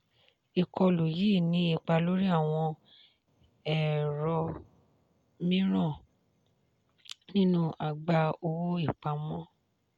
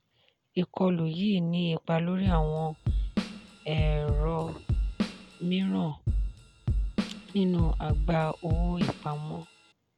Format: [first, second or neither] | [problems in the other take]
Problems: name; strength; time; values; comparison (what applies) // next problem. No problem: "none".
first | background sound (Drum kit); as loud as the speech